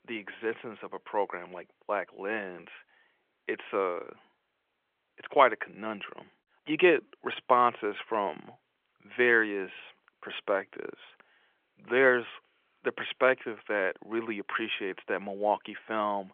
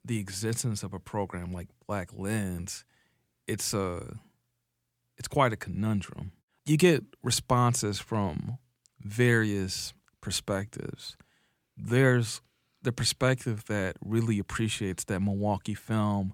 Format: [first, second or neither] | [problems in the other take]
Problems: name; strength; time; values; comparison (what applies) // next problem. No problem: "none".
second | phone-call audio; nothing above 3.5 kHz